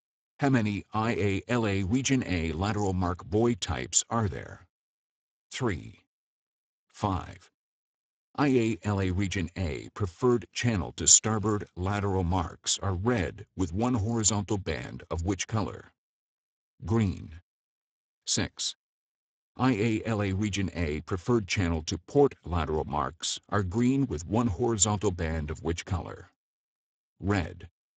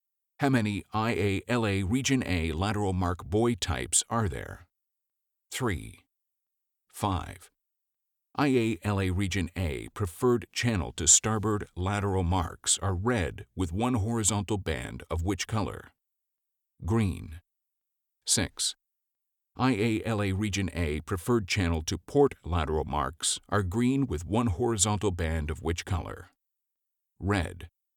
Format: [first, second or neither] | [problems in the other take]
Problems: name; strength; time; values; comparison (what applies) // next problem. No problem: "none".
second | garbled, watery; badly; nothing above 7.5 kHz